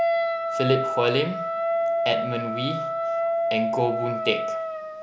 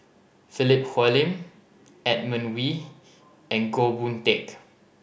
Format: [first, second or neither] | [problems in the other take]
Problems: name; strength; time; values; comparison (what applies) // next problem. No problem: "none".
second | background sound (Wind instrument, woodwind instrument); 2 dB above the speech